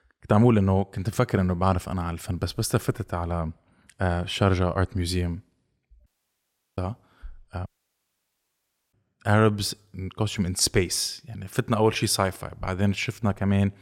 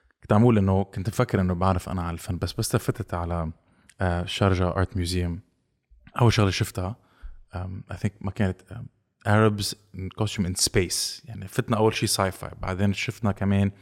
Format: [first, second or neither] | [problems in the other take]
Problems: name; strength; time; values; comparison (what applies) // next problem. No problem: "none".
second | audio cutting out; at 6 s for 0.5 s and at 7.5 s for 1.5 s